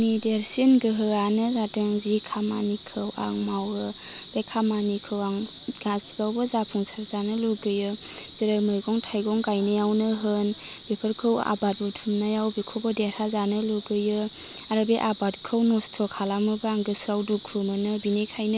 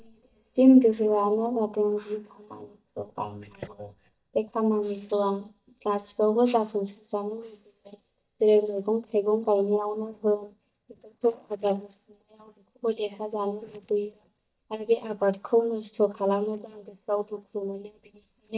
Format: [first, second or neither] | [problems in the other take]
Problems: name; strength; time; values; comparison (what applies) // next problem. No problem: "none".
first | noise reduction (neural mask model DeepFilterNet 3)